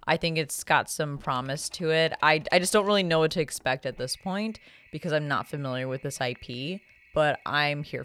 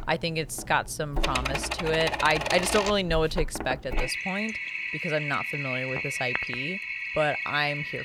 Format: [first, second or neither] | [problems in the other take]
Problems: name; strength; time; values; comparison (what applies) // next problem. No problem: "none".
first | household noises; loud; throughout; 2 dB below the speech; faint in the first